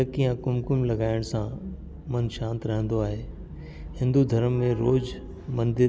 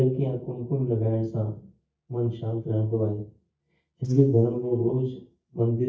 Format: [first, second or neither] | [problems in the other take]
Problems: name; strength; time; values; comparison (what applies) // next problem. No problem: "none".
first | noise reduction (neural mask model DeepFilterNet 3)